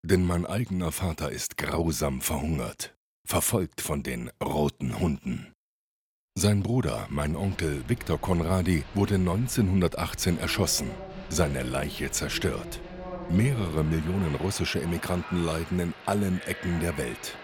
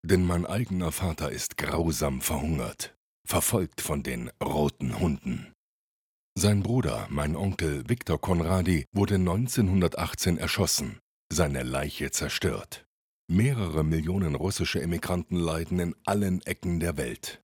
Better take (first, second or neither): second